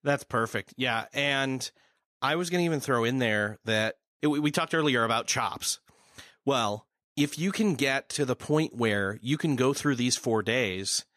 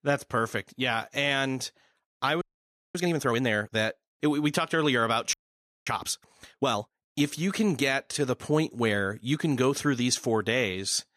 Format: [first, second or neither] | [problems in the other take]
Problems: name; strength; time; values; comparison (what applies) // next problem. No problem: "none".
first | audio freezing; at 2.5 s for 0.5 s and at 5.5 s for 0.5 s